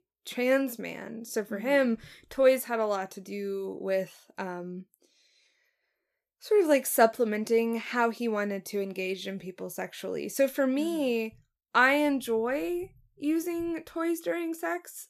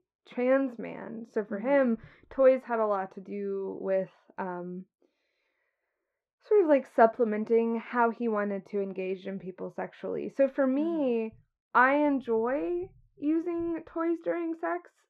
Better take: first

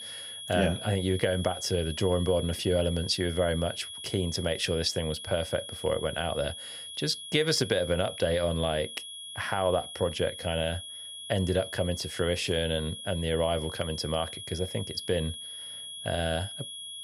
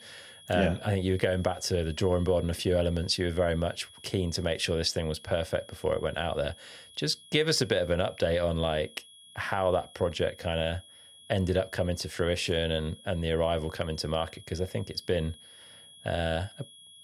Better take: second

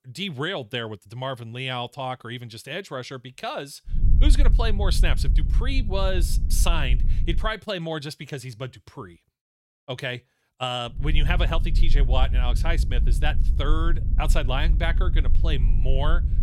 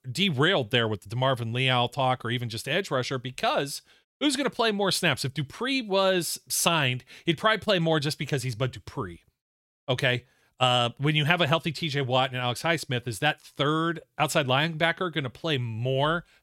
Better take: second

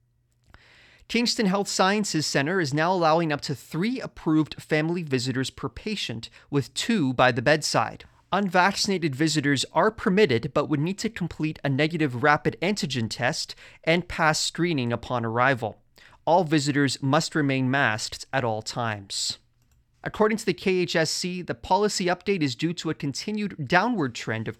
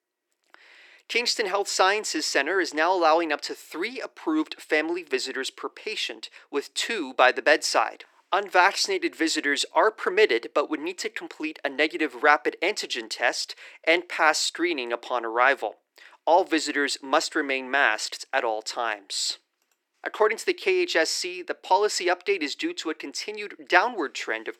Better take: first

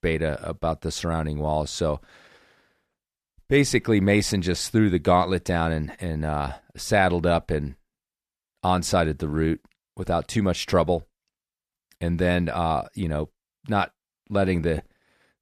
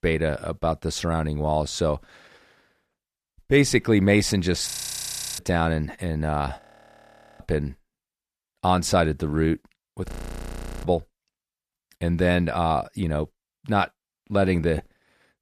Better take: first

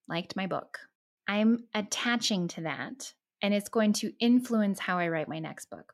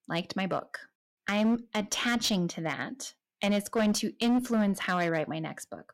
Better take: first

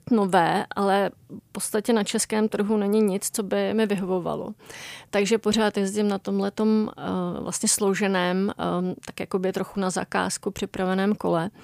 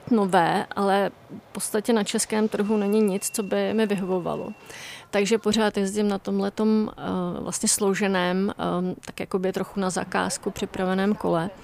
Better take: first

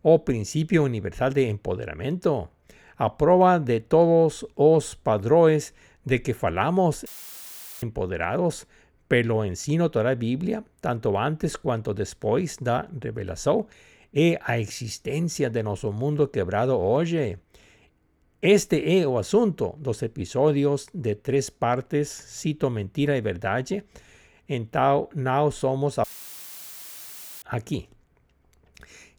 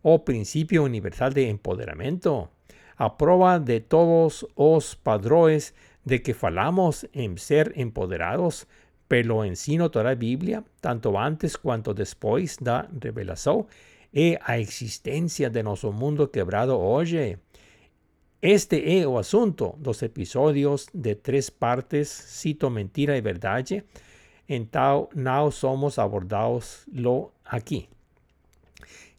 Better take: second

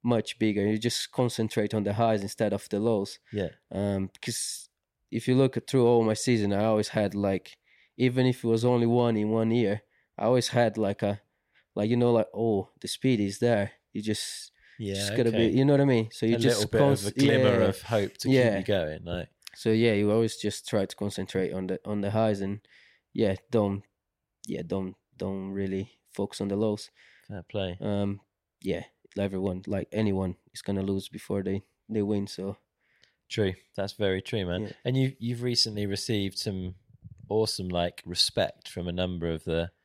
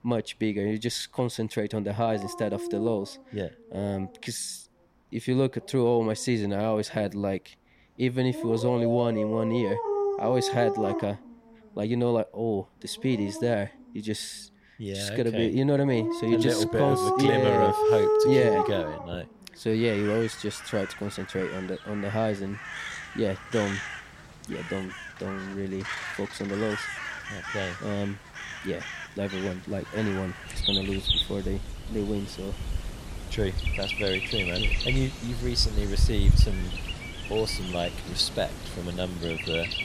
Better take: first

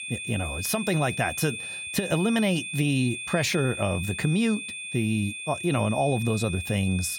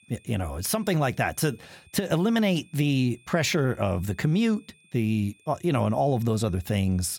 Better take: second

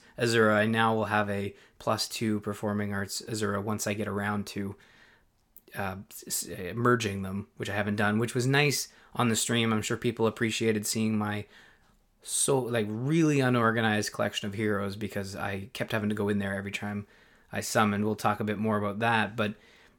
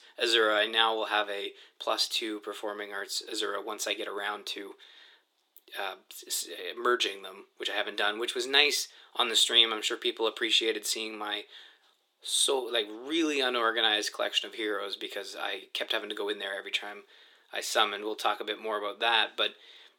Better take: first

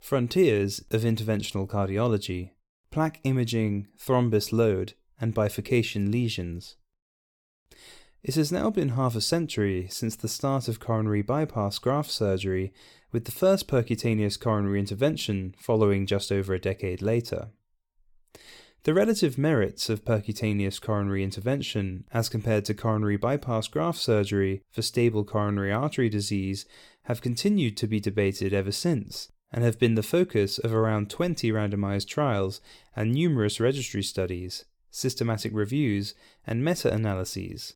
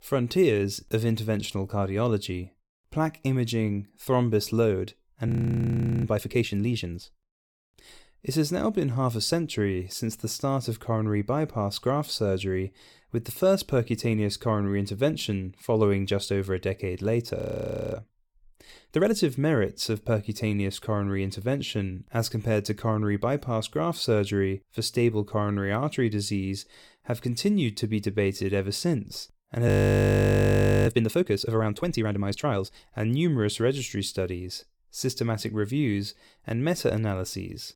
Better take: first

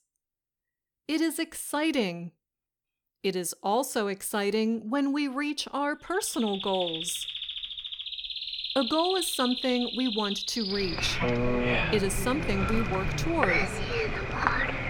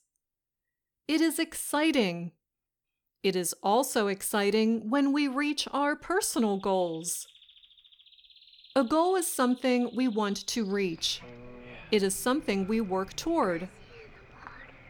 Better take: second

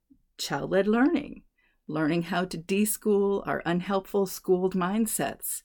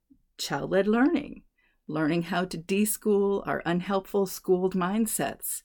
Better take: neither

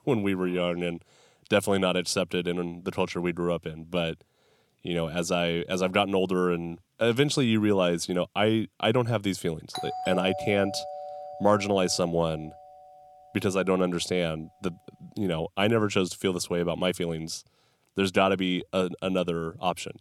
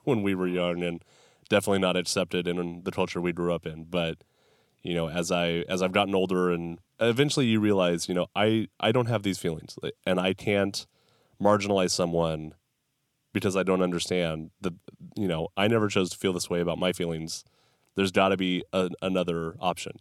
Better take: second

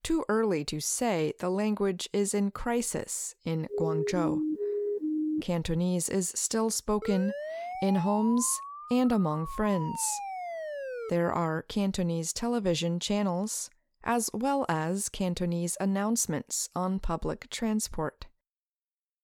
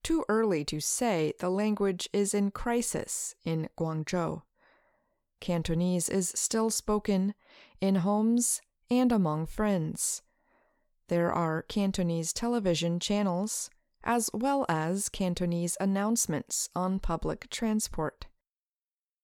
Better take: second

